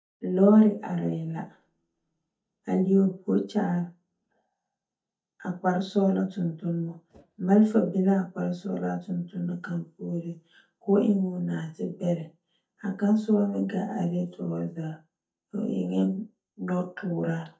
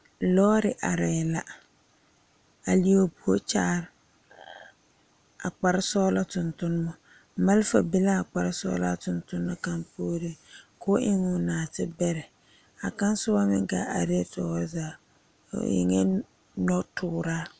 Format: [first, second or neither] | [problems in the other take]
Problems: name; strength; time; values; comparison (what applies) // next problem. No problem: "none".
second | noise reduction (neural mask model DeepFilterNet 3)